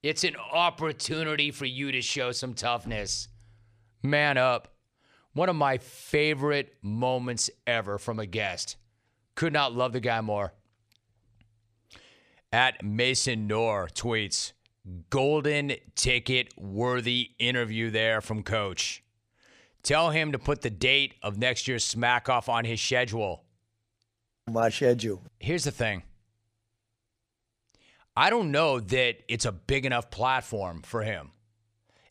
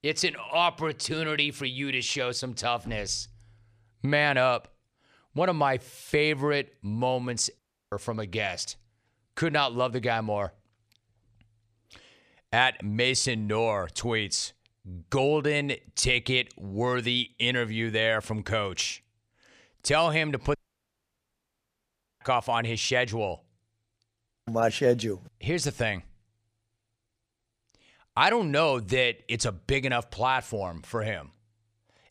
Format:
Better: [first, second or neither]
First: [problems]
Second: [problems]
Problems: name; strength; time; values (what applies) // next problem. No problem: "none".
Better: first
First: none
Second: audio cutting out; at 7.5 s and at 21 s for 1.5 s